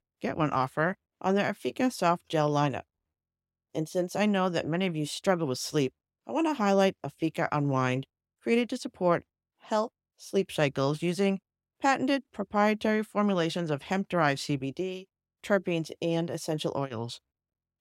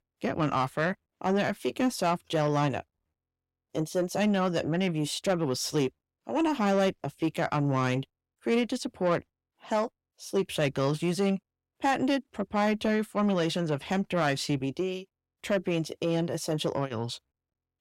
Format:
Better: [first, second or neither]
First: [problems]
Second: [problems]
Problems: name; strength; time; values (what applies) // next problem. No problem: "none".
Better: first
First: none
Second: distortion; slight; 10 dB below the speech